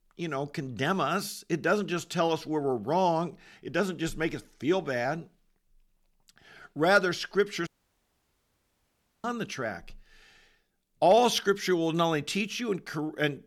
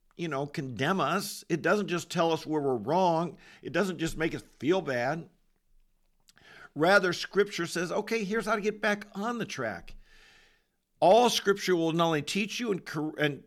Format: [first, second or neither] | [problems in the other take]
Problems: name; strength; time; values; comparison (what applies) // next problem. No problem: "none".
second | audio cutting out; at 7.5 s for 1.5 s